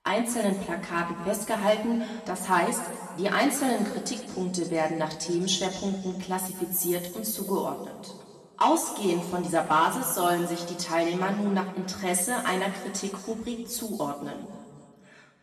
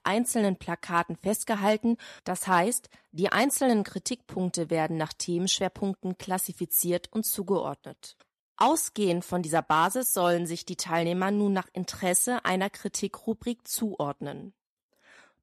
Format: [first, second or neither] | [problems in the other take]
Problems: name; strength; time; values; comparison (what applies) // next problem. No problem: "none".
second | room echo; noticeable; dies away in 1.8 s // off-mic speech; far